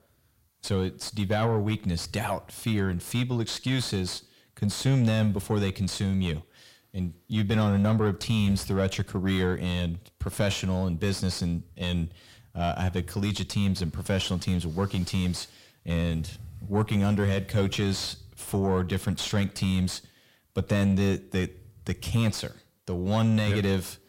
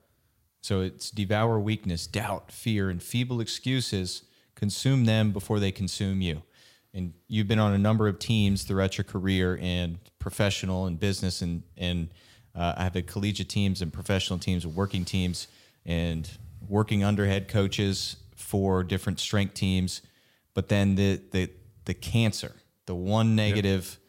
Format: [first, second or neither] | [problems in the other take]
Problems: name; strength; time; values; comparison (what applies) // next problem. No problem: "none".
second | distortion; slight; 10 dB below the speech